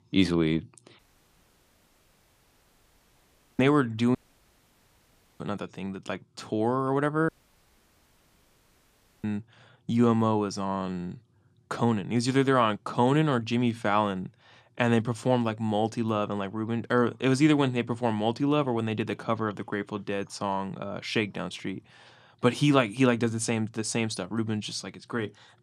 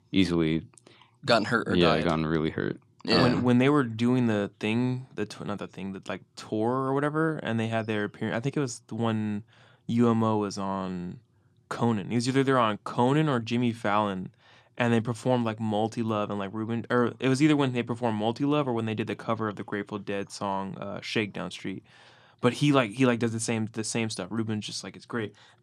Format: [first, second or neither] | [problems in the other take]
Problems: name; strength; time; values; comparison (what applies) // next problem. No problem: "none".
second | audio cutting out; at 1 s for 2.5 s, at 4 s for 1.5 s and at 7.5 s for 2 s